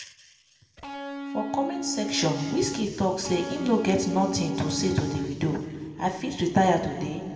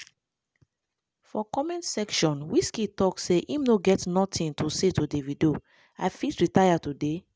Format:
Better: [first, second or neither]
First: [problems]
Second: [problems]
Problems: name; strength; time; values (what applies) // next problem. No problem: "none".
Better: second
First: background sound (Electric guitar); 6 dB below the speech // room echo; dies away in 2.1 s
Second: none